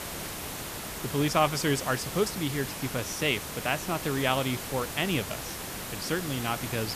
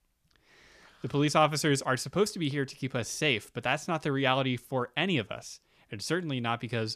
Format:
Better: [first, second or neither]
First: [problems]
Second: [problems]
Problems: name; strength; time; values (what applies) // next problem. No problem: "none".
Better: second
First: hiss; loud; throughout; 6 dB below the speech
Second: none